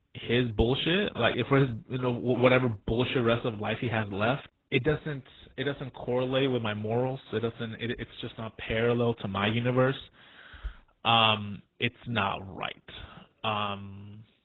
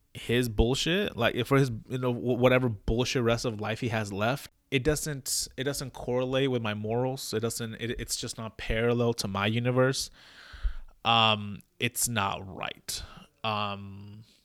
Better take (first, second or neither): second